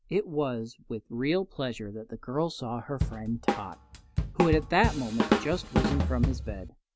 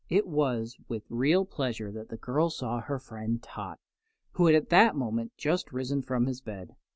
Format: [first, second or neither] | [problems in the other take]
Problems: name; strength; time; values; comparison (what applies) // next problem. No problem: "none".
second | background sound (Drum / Drum kit); 2 dB above the speech